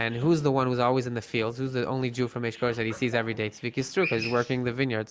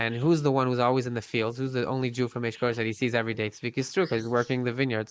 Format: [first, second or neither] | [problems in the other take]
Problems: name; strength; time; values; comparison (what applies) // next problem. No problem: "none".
first | noise reduction (neural mask model Resemble Enhance denoiser)